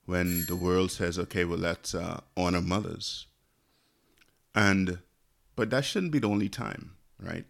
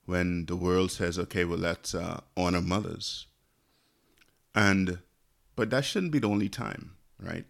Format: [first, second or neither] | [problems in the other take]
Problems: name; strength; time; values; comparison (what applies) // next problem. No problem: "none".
second | doorbell; noticeable; at 0.5 s; peak 4 dB below the speech